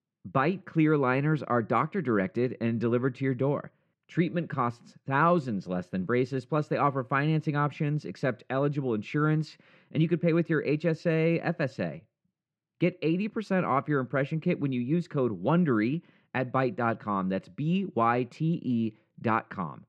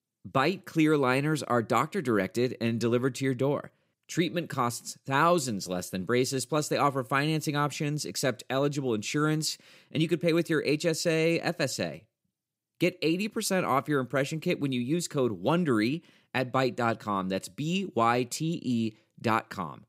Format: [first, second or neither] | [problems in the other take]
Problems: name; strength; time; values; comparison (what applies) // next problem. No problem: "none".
second | muffled; very; fading above 2 kHz